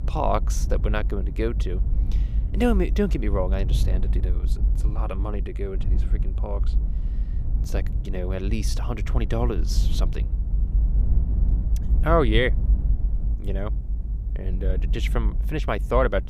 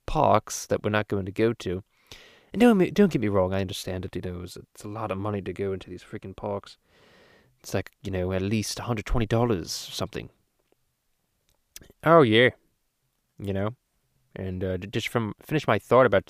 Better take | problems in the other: second | low rumble; noticeable; throughout; 15 dB below the speech

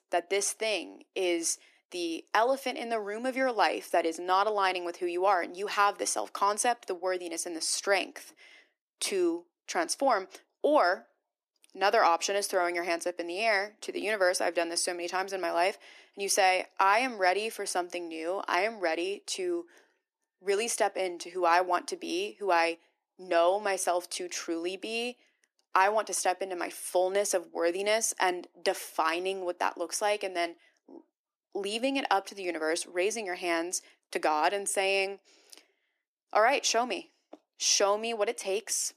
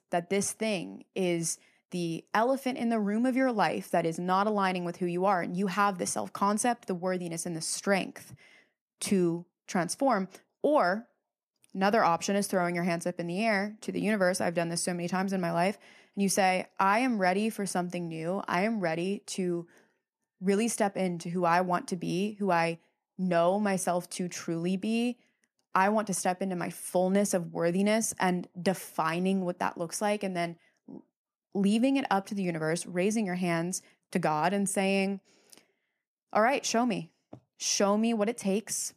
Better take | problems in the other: second | thin; very; fading below 300 Hz

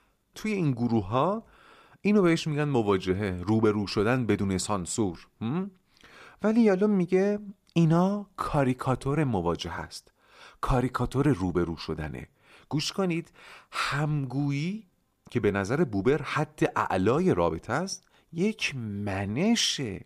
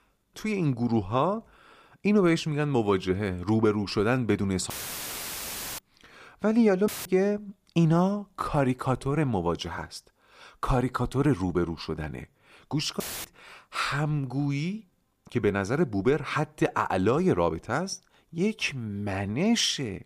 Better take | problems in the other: first | audio cutting out; filled with static; at 4.5 s for 1 s, at 7 s and at 13 s

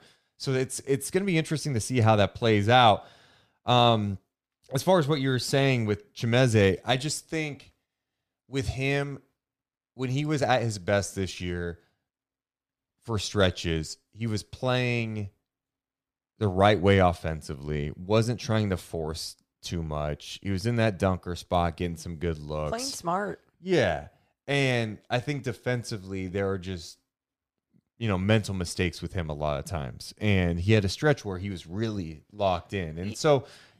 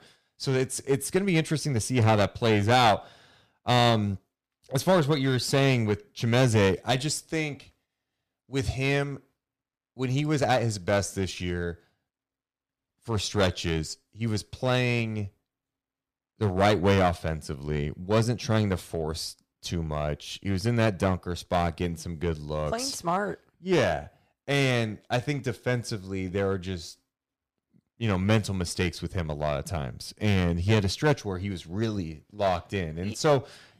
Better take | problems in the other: first | distortion; slight; 3% of the sound clipped

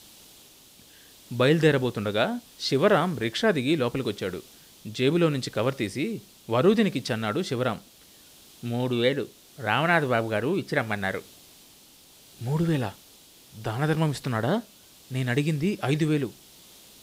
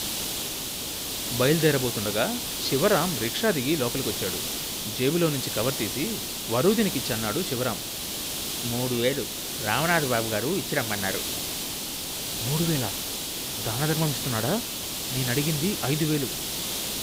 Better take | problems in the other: first | hiss; loud; throughout; 2 dB below the speech; faint in the first

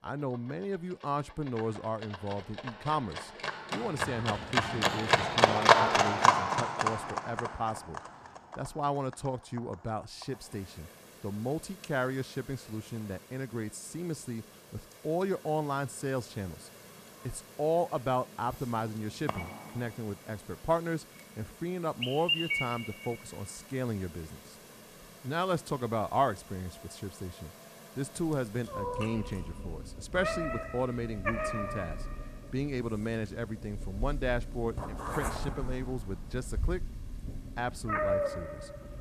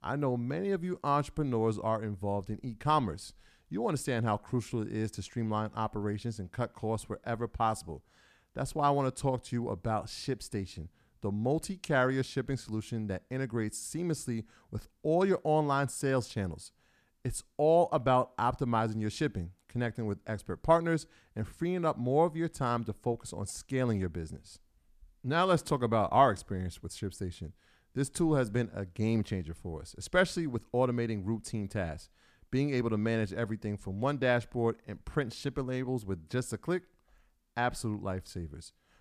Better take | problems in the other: second | animal sounds; very loud; throughout; 3 dB above the speech

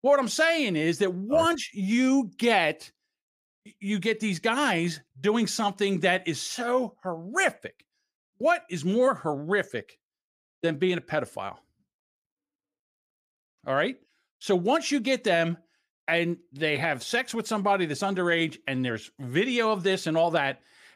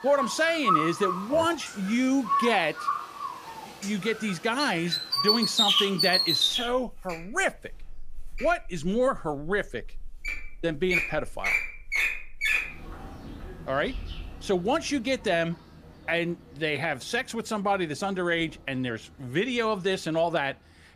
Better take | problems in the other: first | animal sounds; very loud; throughout; 1 dB above the speech

